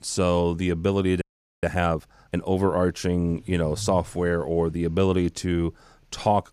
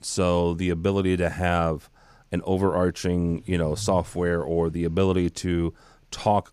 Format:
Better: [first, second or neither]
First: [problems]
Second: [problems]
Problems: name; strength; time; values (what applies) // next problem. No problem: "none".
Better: second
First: audio freezing; at 1 s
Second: none